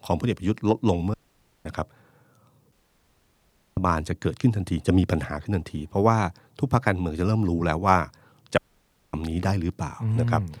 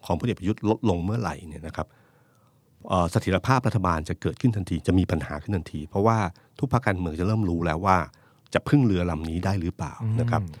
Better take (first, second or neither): second